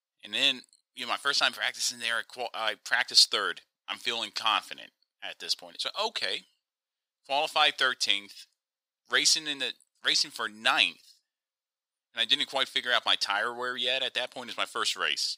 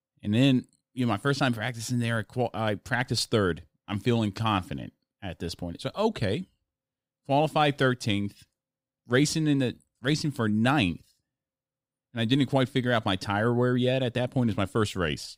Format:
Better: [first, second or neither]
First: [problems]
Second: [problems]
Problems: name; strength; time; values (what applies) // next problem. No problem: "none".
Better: second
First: thin; very; fading below 950 Hz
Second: none